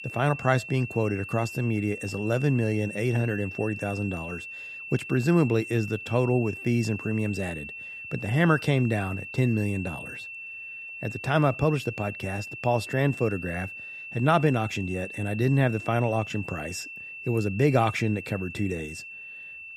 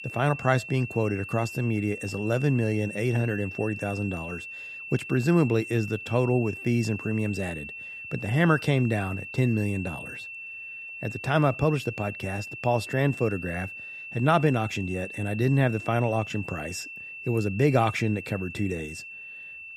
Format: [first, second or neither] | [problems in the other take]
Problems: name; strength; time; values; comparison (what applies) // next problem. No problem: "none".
neither | high-pitched whine; noticeable; throughout; 2.5 kHz, 10 dB below the speech; the same in both